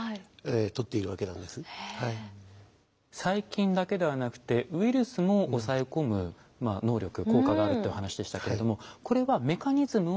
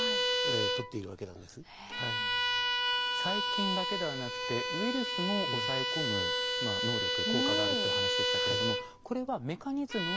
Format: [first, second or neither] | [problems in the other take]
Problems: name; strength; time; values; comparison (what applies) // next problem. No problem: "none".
first | background sound (Bowed string instrument); 5 dB above the speech